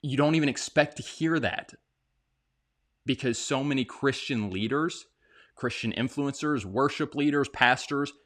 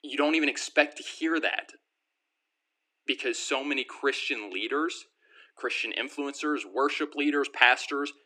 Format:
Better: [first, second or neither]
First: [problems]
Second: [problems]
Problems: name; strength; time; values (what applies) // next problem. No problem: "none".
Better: first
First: none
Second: thin; very slightly; fading below 300 Hz